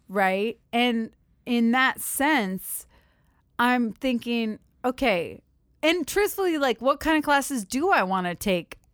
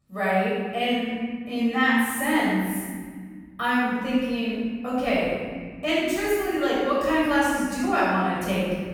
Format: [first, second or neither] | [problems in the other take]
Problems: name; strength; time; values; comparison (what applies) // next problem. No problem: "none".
first | off-mic speech; far // room echo; strong; dies away in 2.1 s